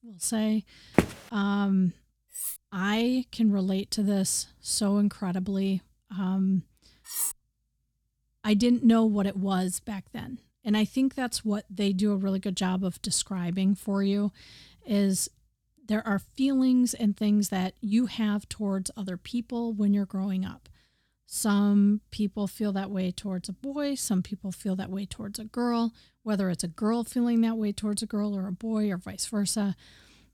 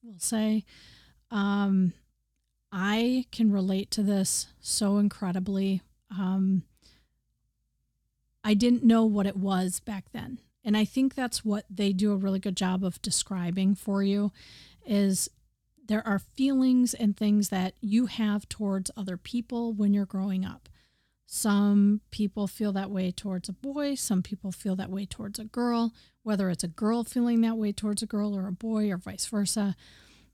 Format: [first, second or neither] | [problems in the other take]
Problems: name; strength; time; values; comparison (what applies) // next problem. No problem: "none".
second | footsteps; loud; at 1 s; peak 1 dB above the speech // clattering dishes; noticeable; at 2.5 s and at 7 s; peak 1 dB below the speech